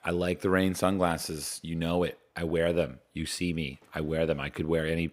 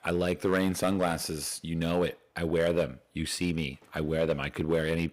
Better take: first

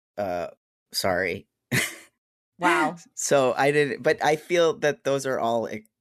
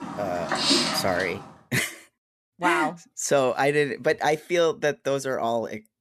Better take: first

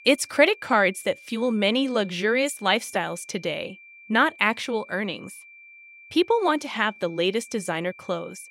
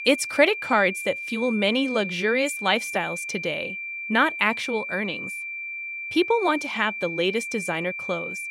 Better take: first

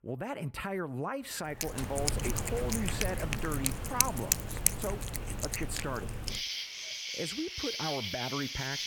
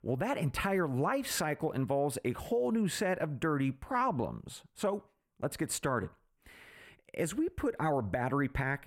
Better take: second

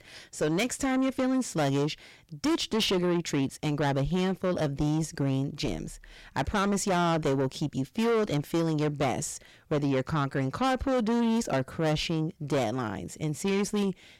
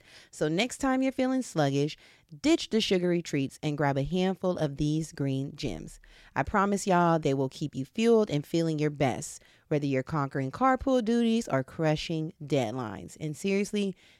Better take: second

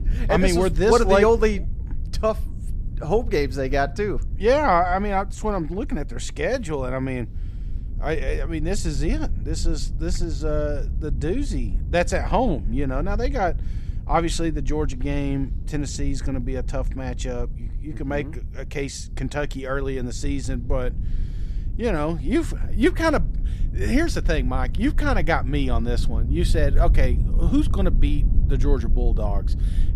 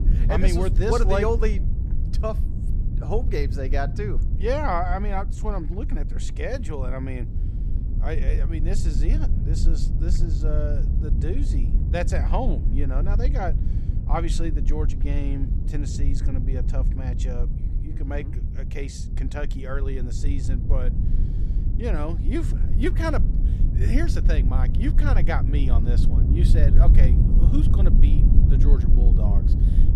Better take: first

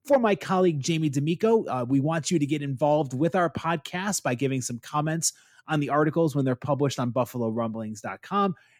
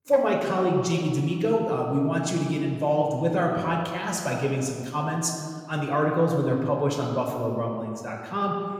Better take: first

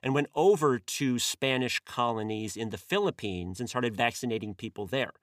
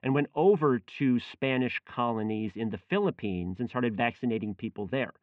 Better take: first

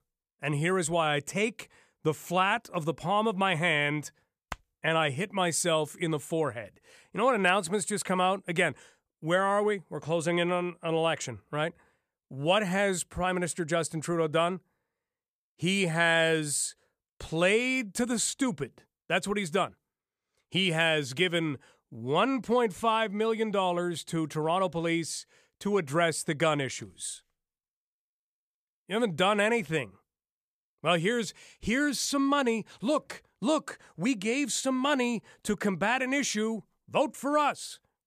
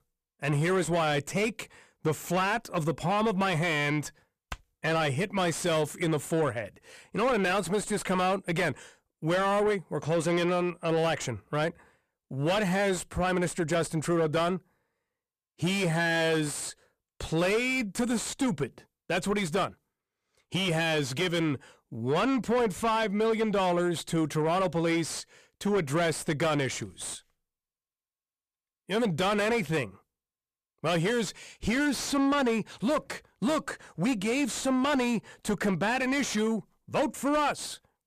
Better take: first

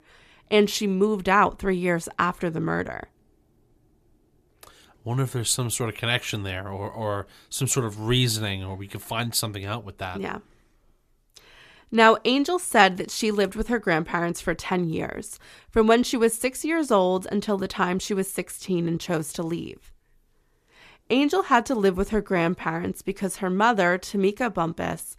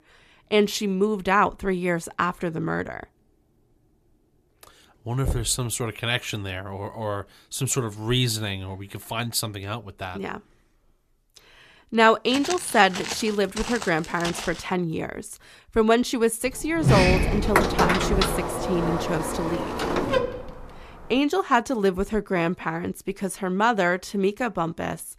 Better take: first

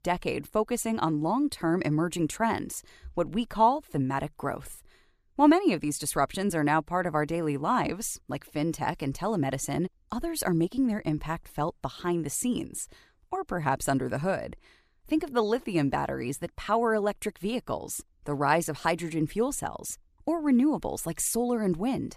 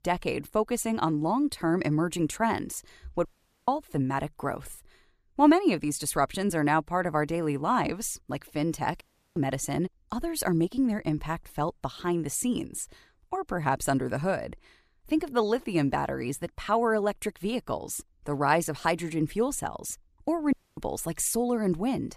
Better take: first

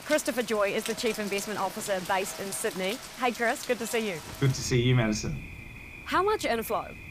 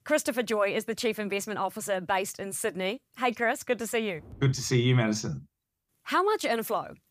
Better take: second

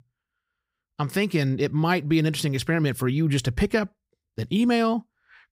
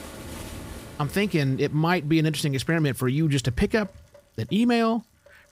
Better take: first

